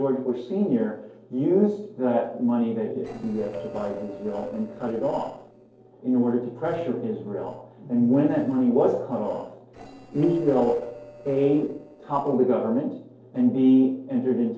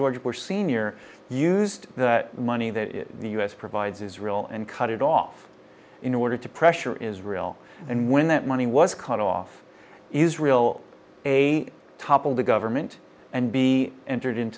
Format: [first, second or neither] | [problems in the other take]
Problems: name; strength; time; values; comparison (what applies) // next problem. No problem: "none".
second | noise reduction (neural separator model SepFormer DNS4)